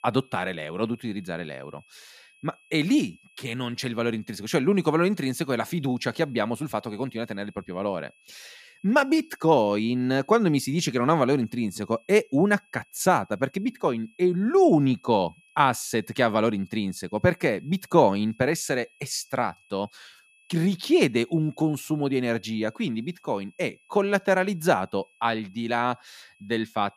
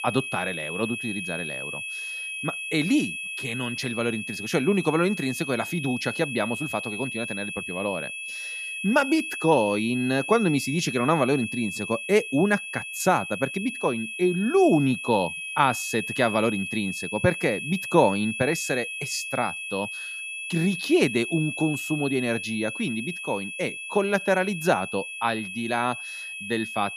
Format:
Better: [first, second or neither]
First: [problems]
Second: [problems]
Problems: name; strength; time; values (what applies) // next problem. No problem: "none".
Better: first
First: high-pitched whine; faint; throughout; 2.5 kHz, 30 dB below the speech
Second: high-pitched whine; loud; throughout; 2.5 kHz, 6 dB below the speech